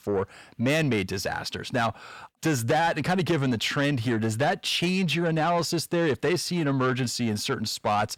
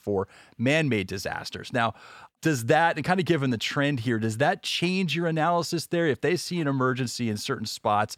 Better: second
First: distortion; slight; 10 dB below the speech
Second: none

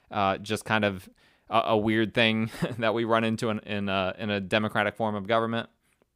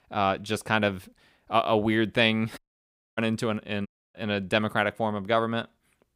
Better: first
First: none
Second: audio cutting out; at 2.5 s for 0.5 s and at 4 s

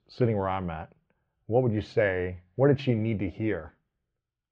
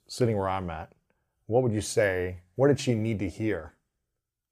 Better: second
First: muffled; slightly; fading above 3.5 kHz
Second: none

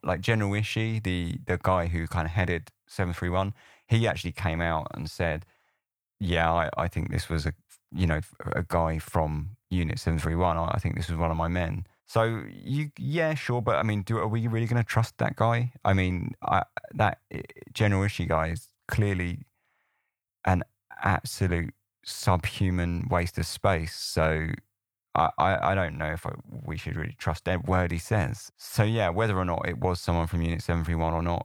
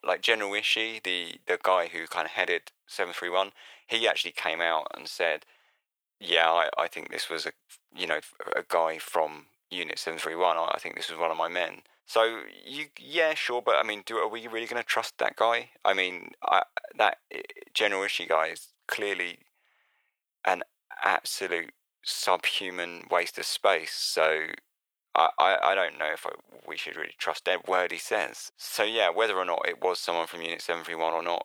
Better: first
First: none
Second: thin; very; fading below 400 Hz

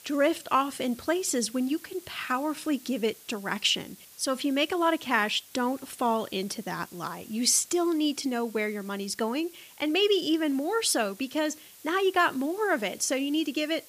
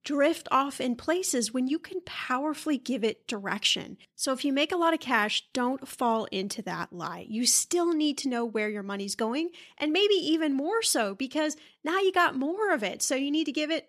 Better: second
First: hiss; faint; throughout; 20 dB below the speech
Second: none

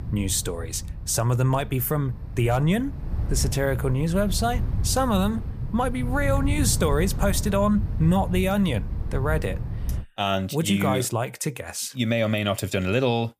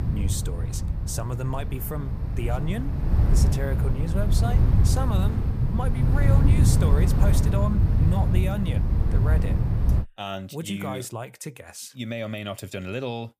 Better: first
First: wind noise on the microphone; occasional gusts; until 10 s; 15 dB below the speech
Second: wind noise on the microphone; heavy; until 10 s; 2 dB below the speech

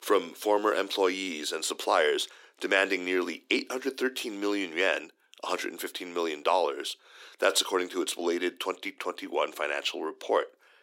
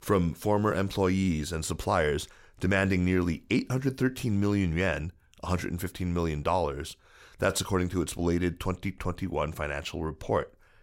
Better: second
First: thin; somewhat; fading below 300 Hz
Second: none

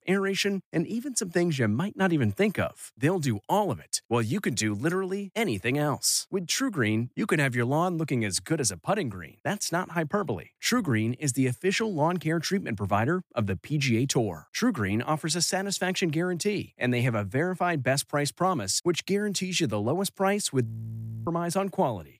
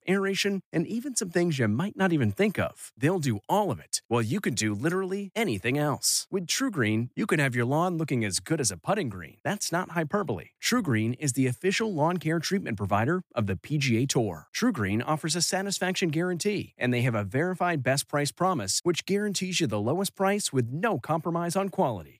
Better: second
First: audio freezing; at 21 s for 0.5 s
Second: none

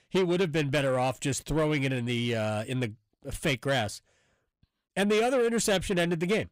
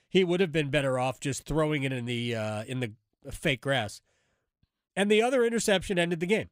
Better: second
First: distortion; slight; 10 dB below the speech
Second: none

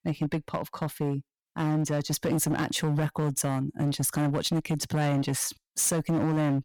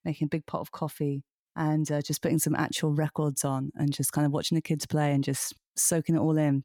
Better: second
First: distortion; slight; 14% of the sound clipped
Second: none

